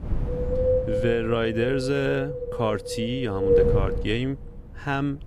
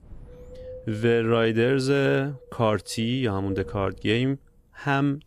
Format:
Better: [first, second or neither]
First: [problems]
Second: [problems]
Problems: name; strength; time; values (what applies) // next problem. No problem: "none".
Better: second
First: wind noise on the microphone; heavy; 1 dB above the speech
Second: wind noise on the microphone; occasional gusts; 20 dB below the speech